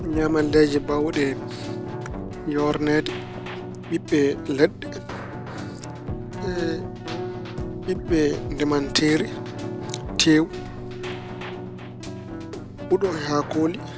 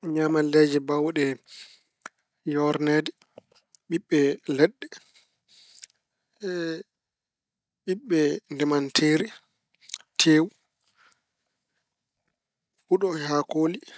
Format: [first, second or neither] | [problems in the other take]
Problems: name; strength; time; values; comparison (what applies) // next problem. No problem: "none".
second | background sound (Keyboard (musical)); 7 dB below the speech